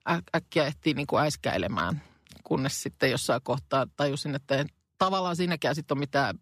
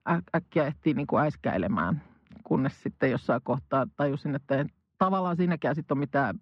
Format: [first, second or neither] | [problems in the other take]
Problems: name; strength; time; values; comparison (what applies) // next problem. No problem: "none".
first | muffled; very; fading above 1.5 kHz